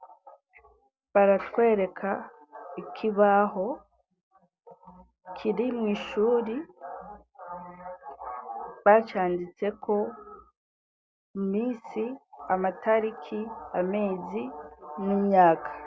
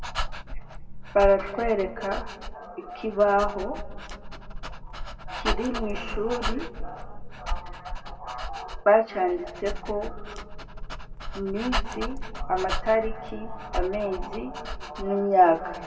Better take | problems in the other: first | background sound (Dog); 5 dB below the speech // room echo; dies away in 1.5 s

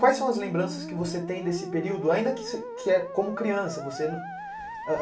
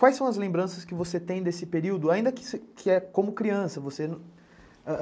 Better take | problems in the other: second | background sound (Musical instrument); 10 dB below the speech // room echo; dies away in 0.2 s

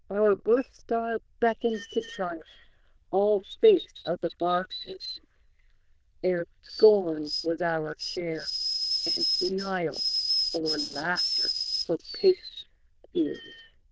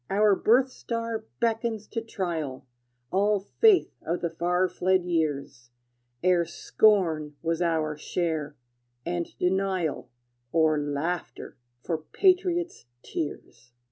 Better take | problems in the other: second | noise reduction (neural diffusion model UNIVERSE++)

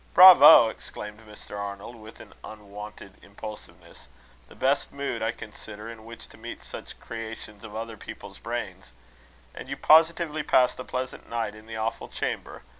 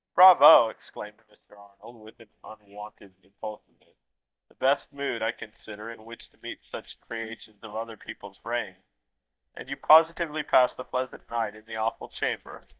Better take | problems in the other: first | noise reduction (neural mask model DeepFilterNet 3)

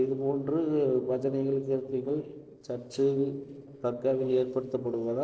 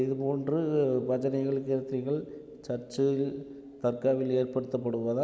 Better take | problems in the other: second | noise reduction (neural separator model SepFormer DNS4)

